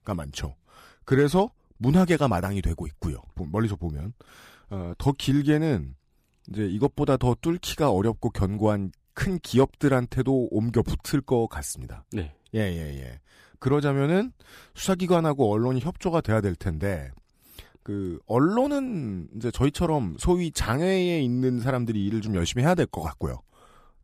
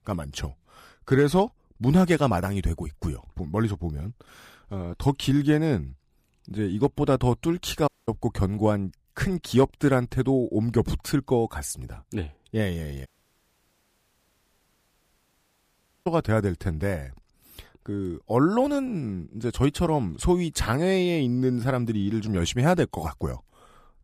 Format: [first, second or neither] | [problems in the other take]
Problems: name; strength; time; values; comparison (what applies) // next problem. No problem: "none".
first | audio cutting out; at 8 s and at 13 s for 3 s